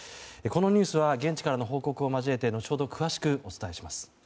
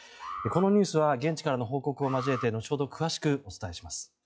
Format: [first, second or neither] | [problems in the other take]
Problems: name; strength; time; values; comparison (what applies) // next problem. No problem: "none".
first | noise reduction (classical method log-MMSE)